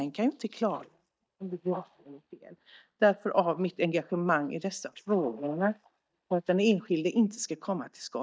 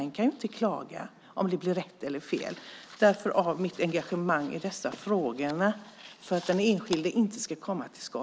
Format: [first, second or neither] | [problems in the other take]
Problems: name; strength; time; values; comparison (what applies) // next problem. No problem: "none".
second | noise reduction (neural mask model DeepFilterNet 3)